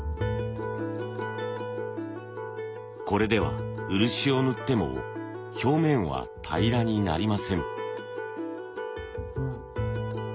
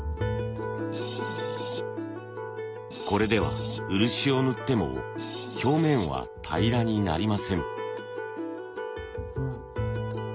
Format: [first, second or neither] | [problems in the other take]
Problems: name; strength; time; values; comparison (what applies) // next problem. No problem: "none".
first | background sound (Screech); 15 dB below the speech